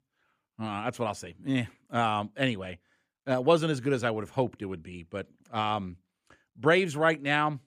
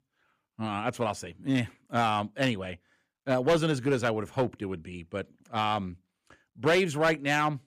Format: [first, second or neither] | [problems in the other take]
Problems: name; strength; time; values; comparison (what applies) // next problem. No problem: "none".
first | distortion; slight; 3% of the sound clipped